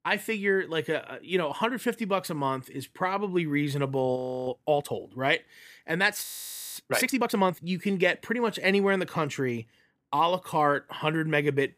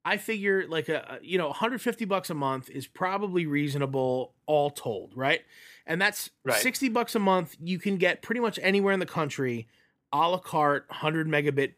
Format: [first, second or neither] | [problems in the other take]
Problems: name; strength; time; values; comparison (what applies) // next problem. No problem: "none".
second | audio freezing; at 4 s and at 6 s for 0.5 s